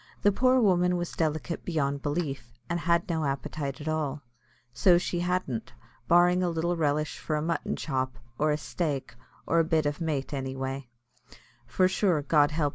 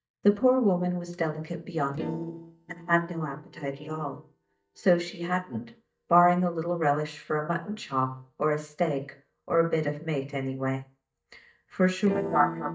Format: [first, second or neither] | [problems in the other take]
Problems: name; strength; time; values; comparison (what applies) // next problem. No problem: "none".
first | noise reduction (neural mask model DeepFilterNet 3)